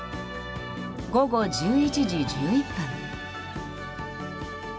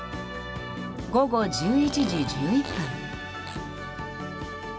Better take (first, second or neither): first